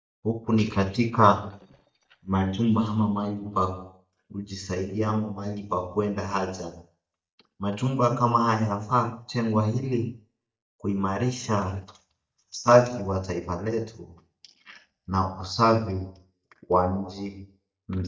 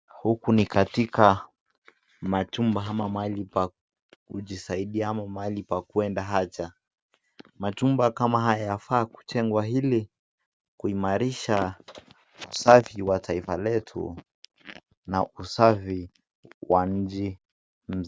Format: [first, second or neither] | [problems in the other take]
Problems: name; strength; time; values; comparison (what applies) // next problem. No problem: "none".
second | noise reduction (neural mask model DeepFilterNet 3)